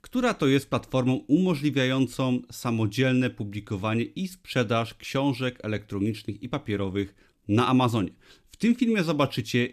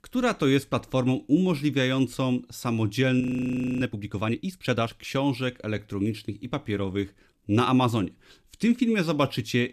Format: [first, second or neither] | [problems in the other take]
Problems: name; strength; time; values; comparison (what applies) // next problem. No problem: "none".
first | audio freezing; at 3 s for 0.5 s